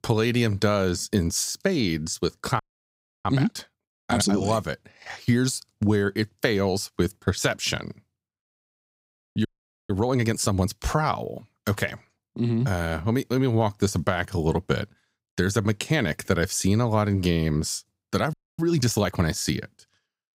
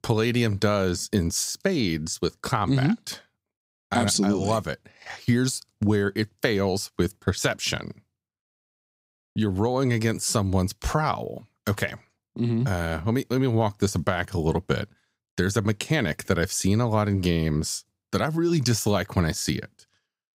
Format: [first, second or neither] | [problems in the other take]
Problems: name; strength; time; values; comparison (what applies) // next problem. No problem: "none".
second | audio freezing; at 2.5 s for 0.5 s, at 9.5 s and at 18 s